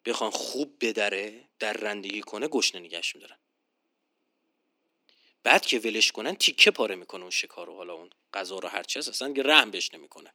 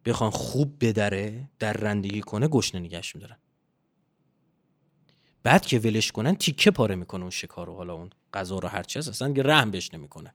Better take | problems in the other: second | thin; somewhat; fading below 250 Hz

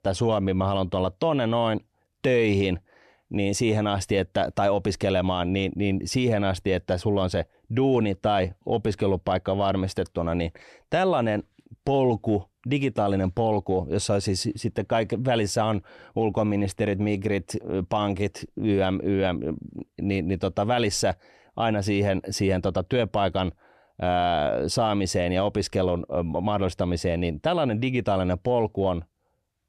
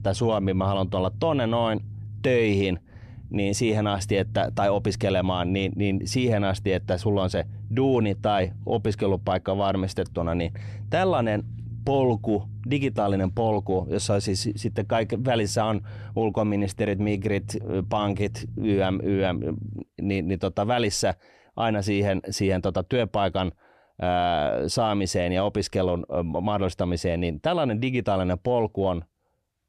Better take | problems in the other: first | low rumble; faint; until 20 s; 25 dB below the speech

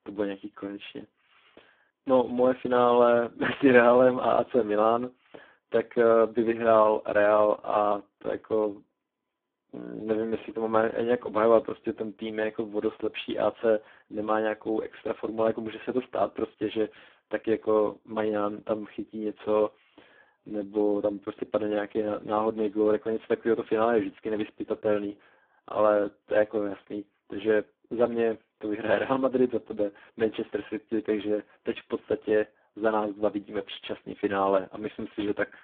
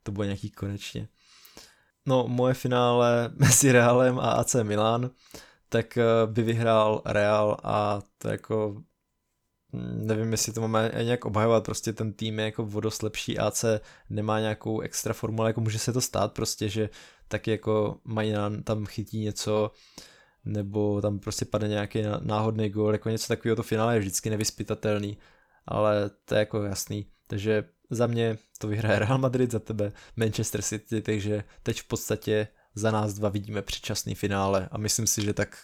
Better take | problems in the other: second | phone-call audio; poor line

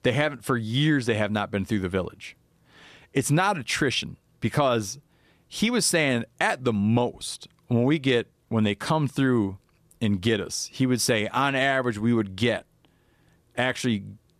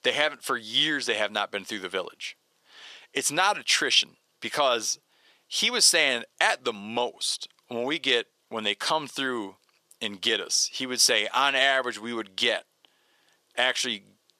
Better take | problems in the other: first | thin; somewhat; fading below 500 Hz

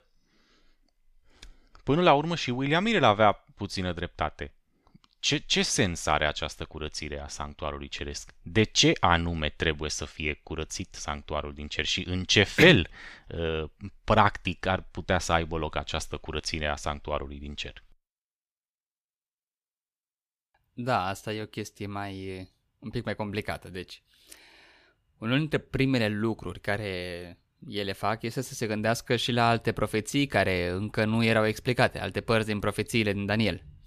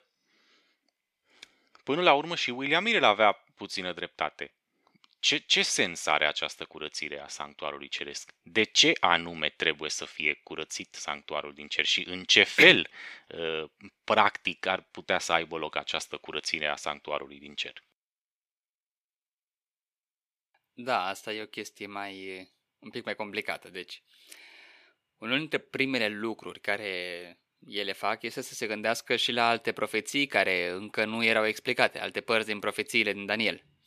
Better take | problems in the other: first | thin; somewhat; fading below 300 Hz

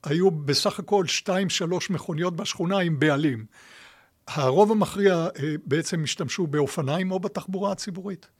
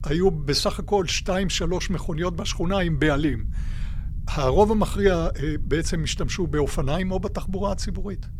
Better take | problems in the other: first | low rumble; faint; throughout; 25 dB below the speech

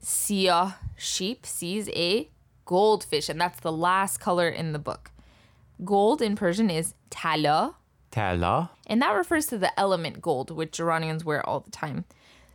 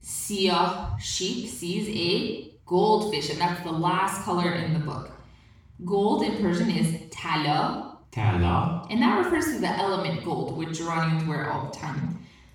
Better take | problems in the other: first | room echo; noticeable; dies away in 0.7 s // off-mic speech; far

